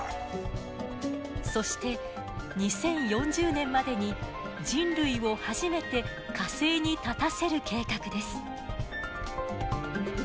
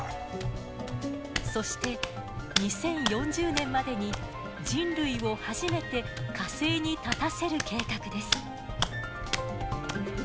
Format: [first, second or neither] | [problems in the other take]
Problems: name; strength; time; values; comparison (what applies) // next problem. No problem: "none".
first | background sound (Hands); 5 dB below the speech